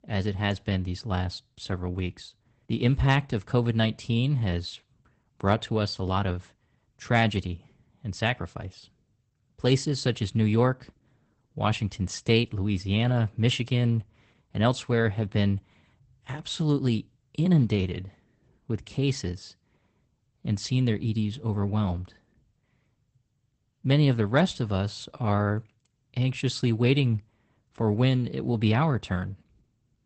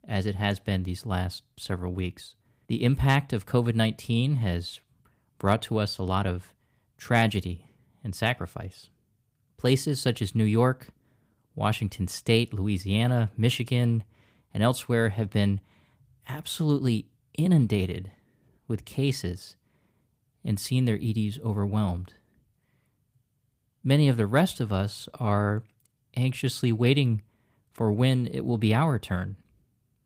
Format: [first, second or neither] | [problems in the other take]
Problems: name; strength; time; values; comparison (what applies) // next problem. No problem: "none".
second | garbled, watery; badly; nothing above 8 kHz; slightly in the second